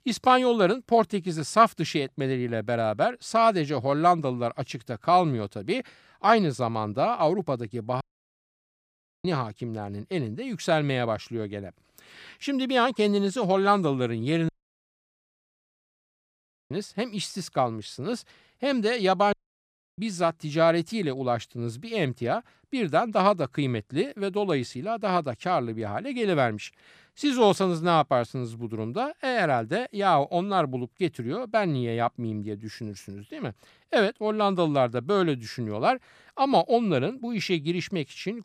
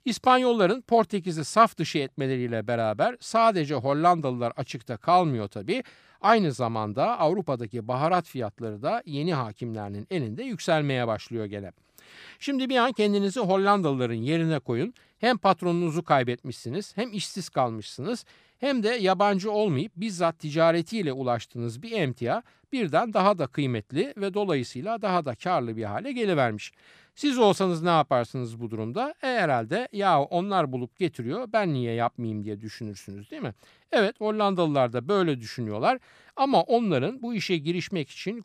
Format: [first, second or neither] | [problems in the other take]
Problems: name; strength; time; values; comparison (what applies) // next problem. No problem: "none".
second | audio cutting out; at 8 s for 1 s, at 14 s for 2 s and at 19 s for 0.5 s